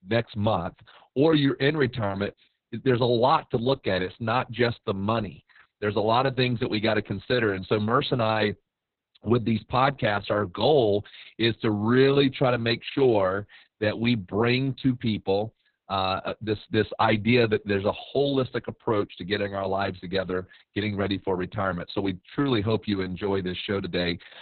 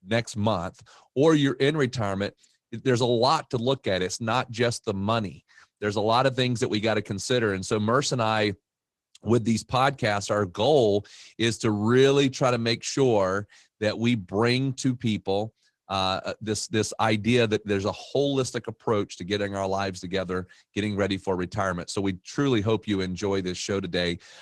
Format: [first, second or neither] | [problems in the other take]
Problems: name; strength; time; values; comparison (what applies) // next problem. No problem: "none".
second | garbled, watery; badly; nothing above 4 kHz; slightly in the second